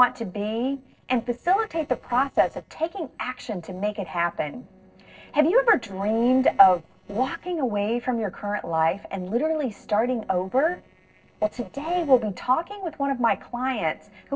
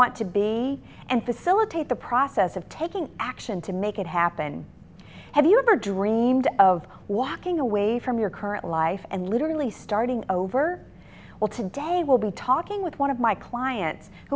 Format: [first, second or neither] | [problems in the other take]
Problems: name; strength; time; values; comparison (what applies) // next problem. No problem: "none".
second | noise reduction (neural separator model SepFormer DNS4)